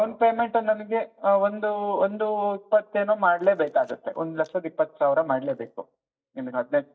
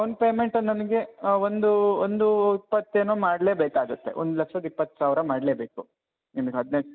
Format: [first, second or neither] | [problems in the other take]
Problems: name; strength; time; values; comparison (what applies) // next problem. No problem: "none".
second | noise reduction (neural mask model DeepFilterNet 3)